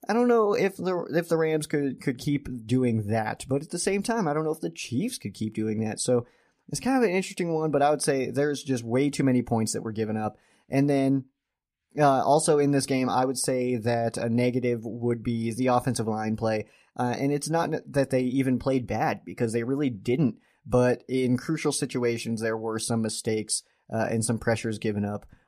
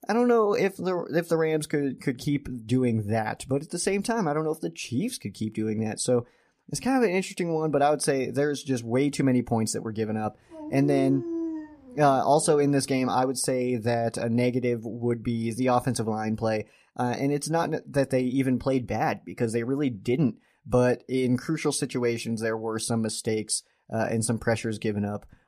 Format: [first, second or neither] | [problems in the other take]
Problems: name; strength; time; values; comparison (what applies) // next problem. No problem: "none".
first | dog barking; noticeable; from 11 to 13 s; peak 5 dB below the speech